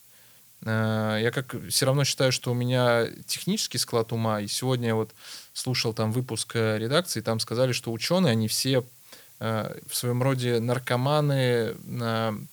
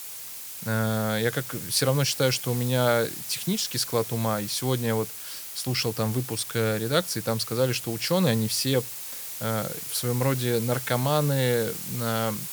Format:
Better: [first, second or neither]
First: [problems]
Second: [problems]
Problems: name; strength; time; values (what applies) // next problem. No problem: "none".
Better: first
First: hiss; faint; throughout; 25 dB below the speech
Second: hiss; loud; throughout; 8 dB below the speech